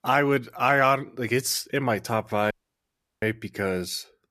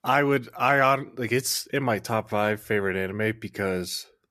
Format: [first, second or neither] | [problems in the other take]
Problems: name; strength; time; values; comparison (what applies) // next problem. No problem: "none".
second | audio cutting out; at 2.5 s for 0.5 s